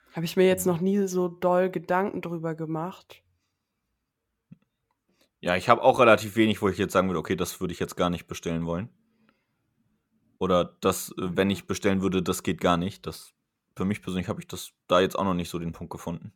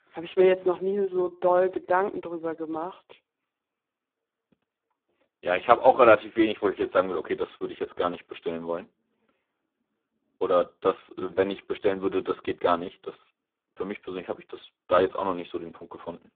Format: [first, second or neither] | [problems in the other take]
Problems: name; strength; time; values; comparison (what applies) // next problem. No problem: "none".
first | phone-call audio; poor line; nothing above 3.5 kHz